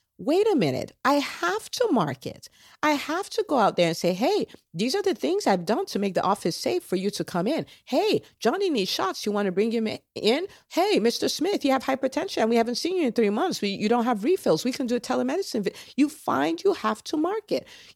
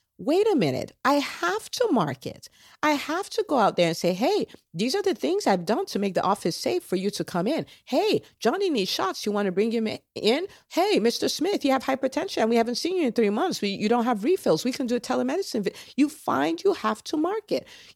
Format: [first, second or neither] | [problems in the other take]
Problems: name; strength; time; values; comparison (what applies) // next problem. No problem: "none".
neither | none